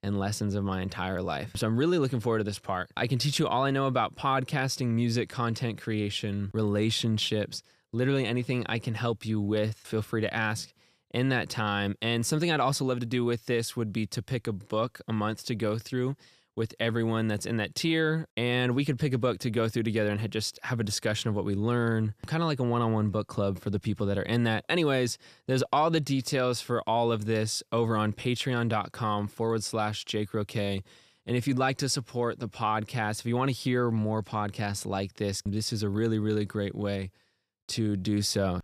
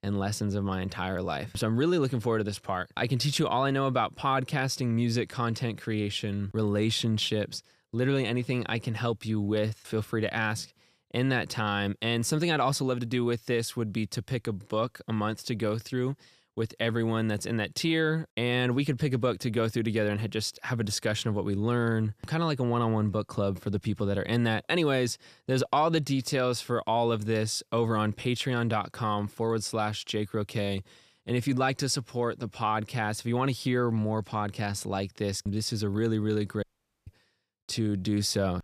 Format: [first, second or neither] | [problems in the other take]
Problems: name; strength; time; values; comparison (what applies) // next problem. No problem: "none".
first | audio cutting out; at 37 s